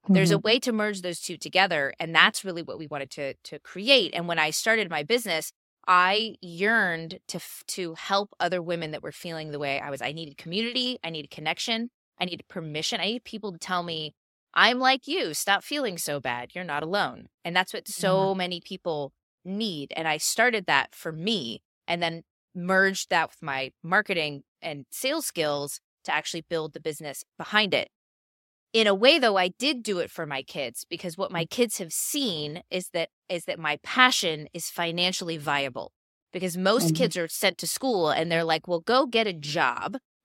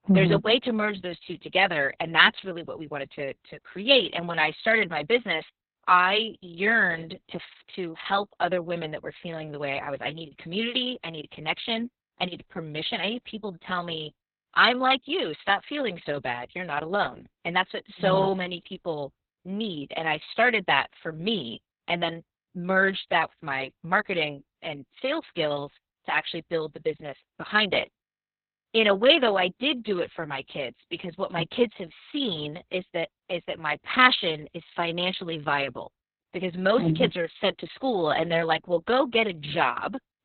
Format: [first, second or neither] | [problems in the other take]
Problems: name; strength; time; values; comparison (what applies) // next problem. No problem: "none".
first | garbled, watery; badly; nothing above 4 kHz